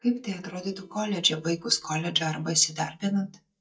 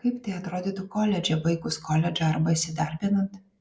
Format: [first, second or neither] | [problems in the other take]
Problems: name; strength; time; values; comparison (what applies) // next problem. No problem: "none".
second | noise reduction (neural mask model DeepFilterNet 3)